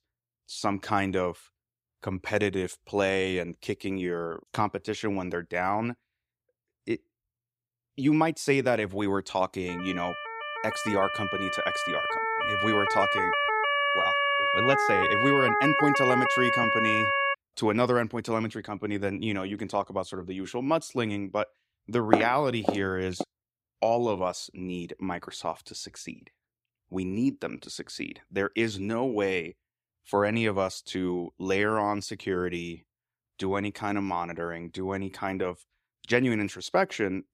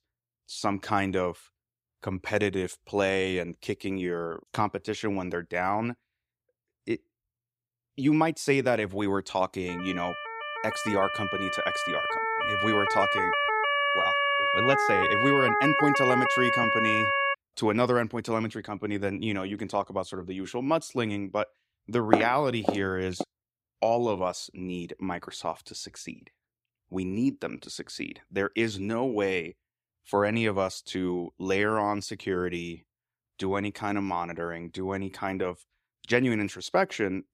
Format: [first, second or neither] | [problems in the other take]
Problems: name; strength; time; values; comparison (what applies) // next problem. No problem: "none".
neither | siren; loud; from 9.5 to 17 s; peak 6 dB above the speech; the same in both // footsteps; loud; from 22 to 23 s; peak 4 dB above the speech; the same in both